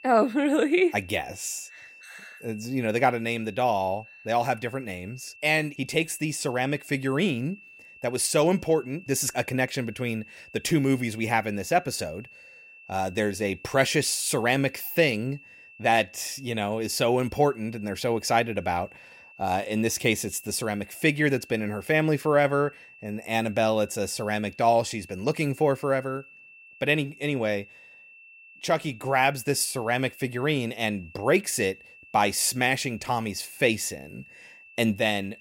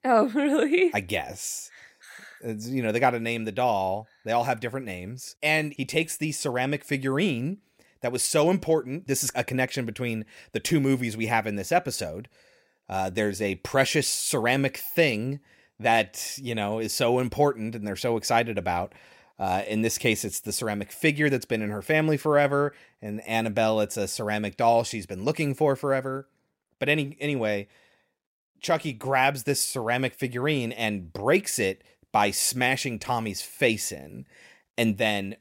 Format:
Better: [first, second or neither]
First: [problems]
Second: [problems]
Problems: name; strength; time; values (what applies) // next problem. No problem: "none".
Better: second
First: high-pitched whine; faint; throughout; 2.5 kHz, 20 dB below the speech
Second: none